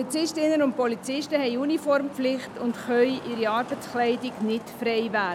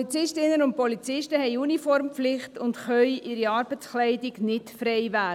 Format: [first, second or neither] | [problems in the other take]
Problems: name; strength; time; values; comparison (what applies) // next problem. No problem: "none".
second | background sound (Traffic noise, roadway noise); 15 dB below the speech